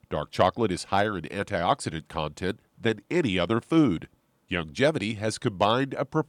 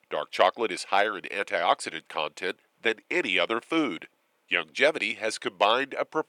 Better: first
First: none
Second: thin; somewhat; fading below 500 Hz

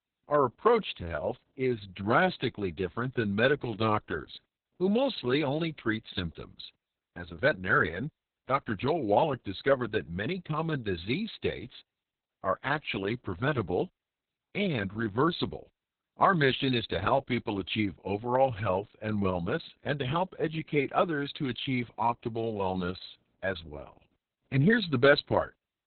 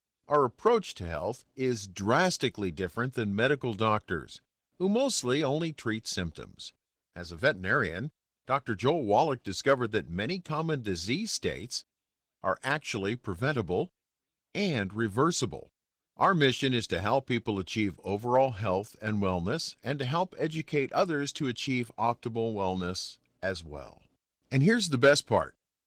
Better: second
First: garbled, watery; badly; nothing above 4 kHz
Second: garbled, watery; slightly

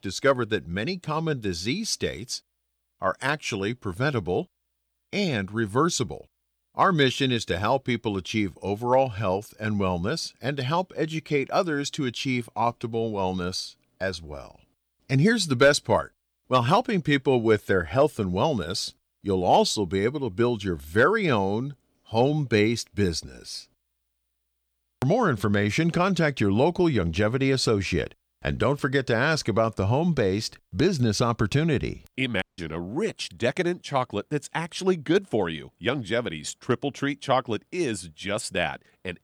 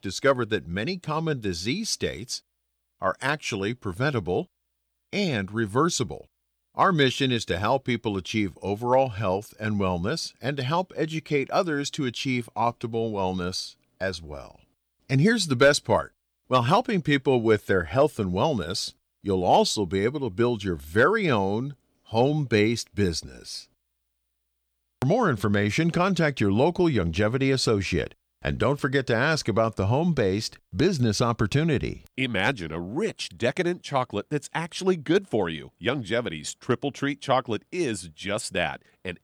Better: second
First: audio cutting out; at 32 s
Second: none

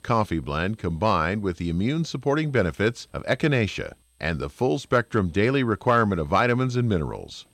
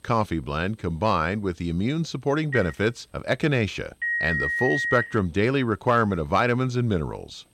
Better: first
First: none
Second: phone ringing; loud; from 2.5 to 5 s; peak 1 dB above the speech

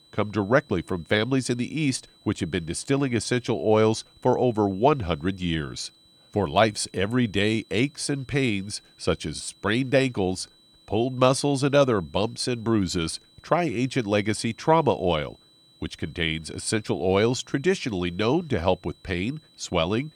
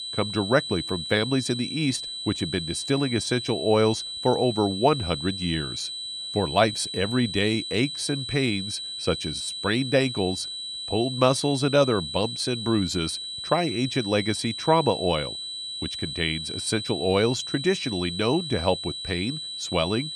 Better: first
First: high-pitched whine; faint; throughout; 4 kHz, 30 dB below the speech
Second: high-pitched whine; loud; throughout; 4 kHz, 6 dB below the speech

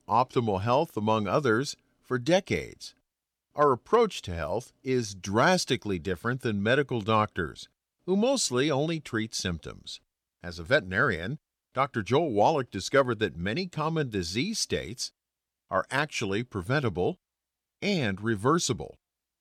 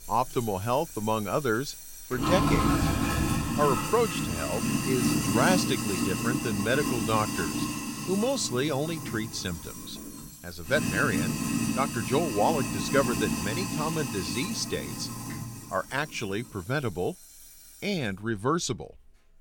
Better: first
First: none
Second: household noises; loud; throughout; as loud as the speech

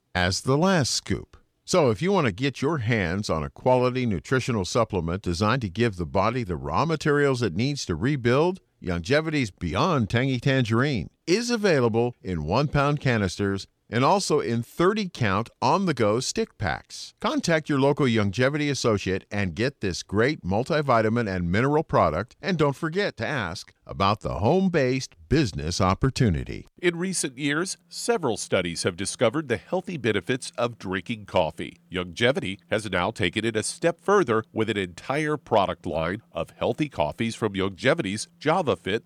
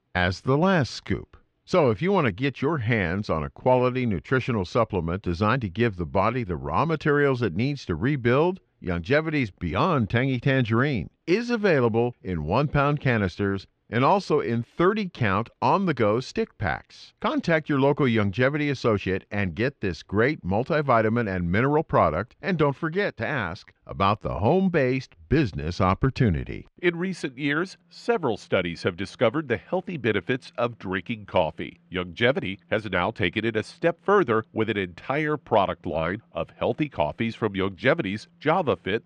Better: first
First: none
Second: muffled; slightly; fading above 2.5 kHz

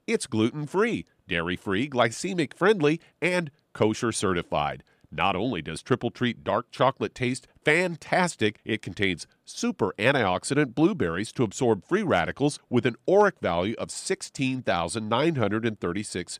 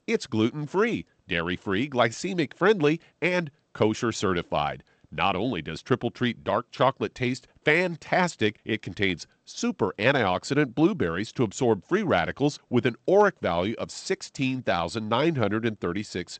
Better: first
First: none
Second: garbled, watery; slightly; nothing above 8 kHz

